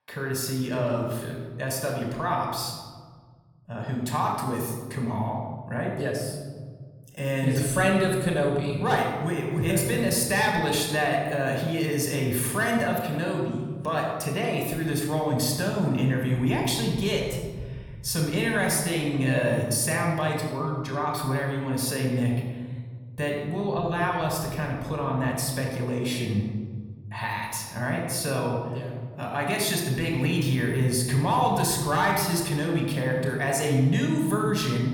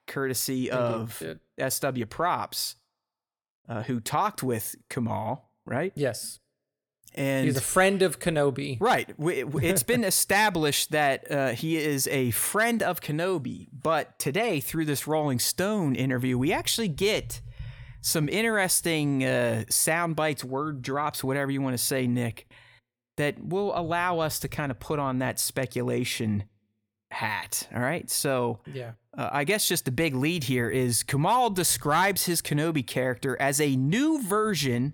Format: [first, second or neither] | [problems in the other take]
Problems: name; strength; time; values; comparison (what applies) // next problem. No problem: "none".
second | off-mic speech; somewhat distant // room echo; noticeable; dies away in 1.9 s